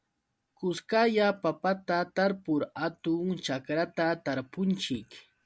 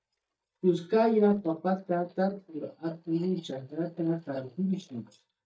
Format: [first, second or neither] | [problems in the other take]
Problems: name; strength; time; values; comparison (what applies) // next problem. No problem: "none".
first | noise reduction (neural mask model DeepFilterNet 3)